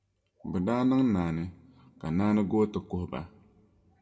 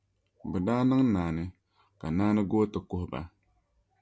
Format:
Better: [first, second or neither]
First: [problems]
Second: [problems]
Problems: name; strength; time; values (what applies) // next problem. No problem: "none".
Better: second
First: room echo; dies away in 1 s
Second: none